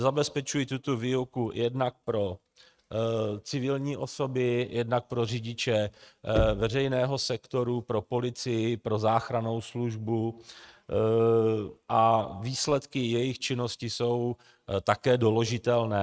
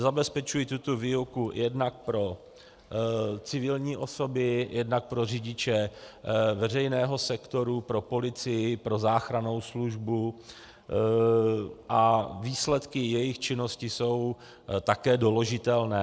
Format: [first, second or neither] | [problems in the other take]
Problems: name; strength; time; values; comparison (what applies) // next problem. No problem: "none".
second | noise reduction (neural mask model RNNoise)